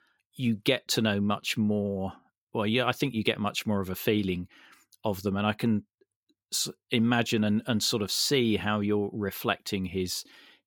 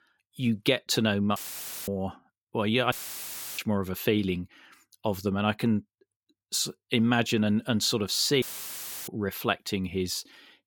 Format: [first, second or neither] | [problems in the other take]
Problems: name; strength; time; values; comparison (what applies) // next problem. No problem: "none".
first | audio cutting out; filled with static; at 1.5 s for 0.5 s, at 3 s for 0.5 s and at 8.5 s for 0.5 s